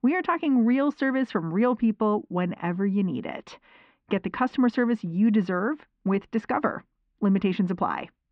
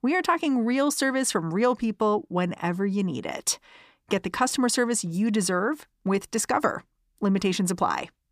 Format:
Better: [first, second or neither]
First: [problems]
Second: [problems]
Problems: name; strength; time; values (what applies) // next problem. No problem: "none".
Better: second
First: muffled; very; fading above 3 kHz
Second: none